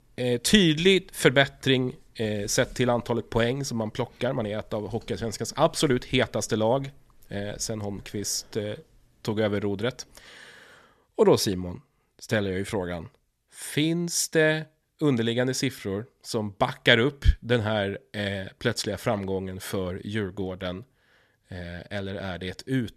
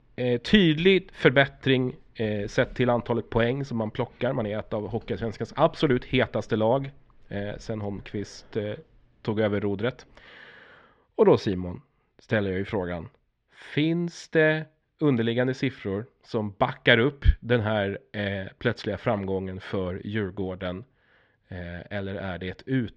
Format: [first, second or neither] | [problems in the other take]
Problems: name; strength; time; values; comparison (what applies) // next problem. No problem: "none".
first | muffled; very; fading above 3 kHz